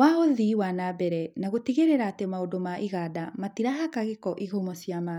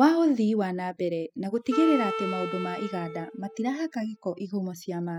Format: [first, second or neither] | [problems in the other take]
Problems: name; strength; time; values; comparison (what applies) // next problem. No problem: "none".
first | noise reduction (classical method spectral subtraction)